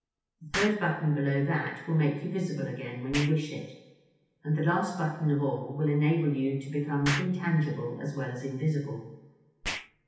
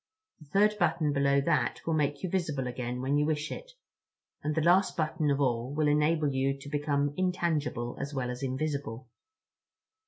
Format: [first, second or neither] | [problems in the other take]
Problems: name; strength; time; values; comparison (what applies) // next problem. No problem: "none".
second | background sound (Explosion); 13 dB below the speech // room echo; dies away in 0.9 s